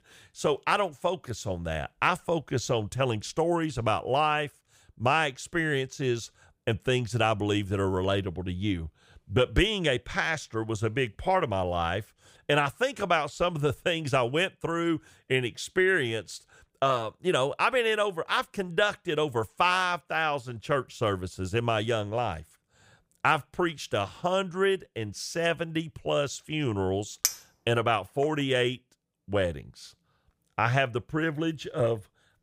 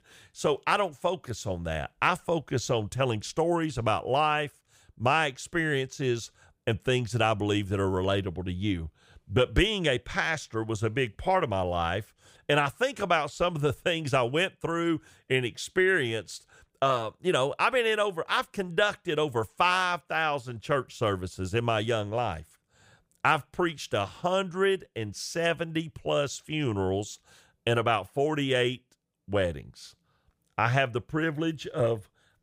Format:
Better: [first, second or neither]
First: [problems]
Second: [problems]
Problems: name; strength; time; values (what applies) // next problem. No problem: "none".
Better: second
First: clattering dishes; noticeable; at 27 s; peak level with the speech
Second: none